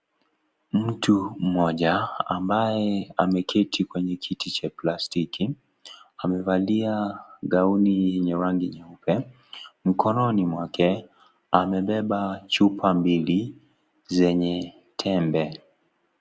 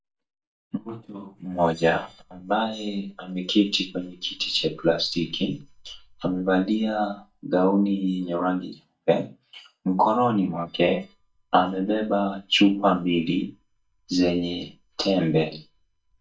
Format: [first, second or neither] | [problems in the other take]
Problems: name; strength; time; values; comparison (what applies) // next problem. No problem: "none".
first | noise reduction (neural mask model DeepFilterNet 3)